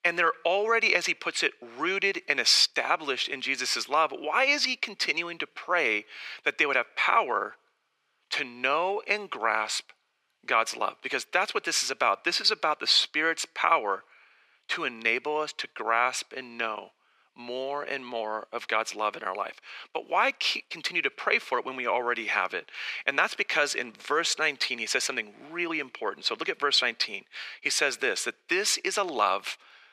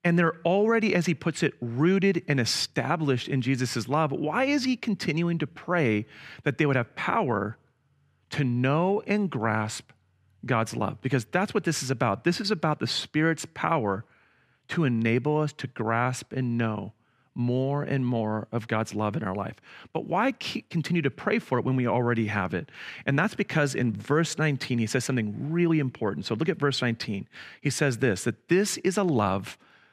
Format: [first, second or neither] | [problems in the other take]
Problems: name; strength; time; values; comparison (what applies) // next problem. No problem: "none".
second | thin; very; fading below 450 Hz